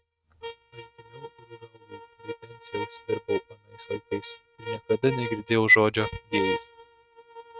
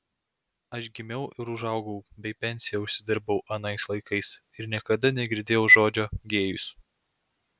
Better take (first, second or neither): second